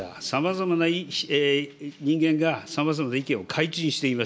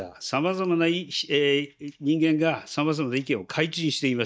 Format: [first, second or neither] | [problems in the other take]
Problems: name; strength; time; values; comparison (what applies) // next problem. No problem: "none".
first | noise reduction (neural mask model DeepFilterNet 3)